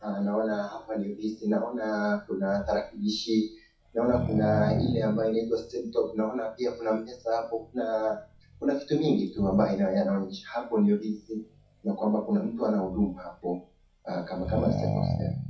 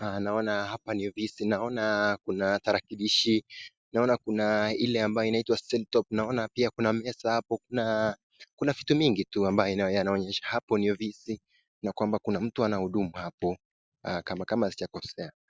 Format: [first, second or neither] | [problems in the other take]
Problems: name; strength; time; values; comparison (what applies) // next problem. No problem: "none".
second | noise reduction (classical method WPE with log-MMSE)